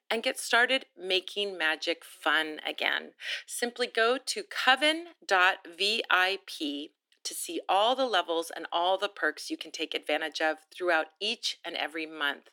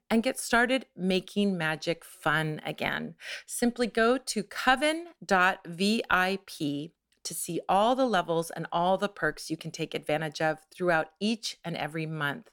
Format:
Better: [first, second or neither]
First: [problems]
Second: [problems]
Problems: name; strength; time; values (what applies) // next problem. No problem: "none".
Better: second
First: thin; somewhat; fading below 300 Hz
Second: none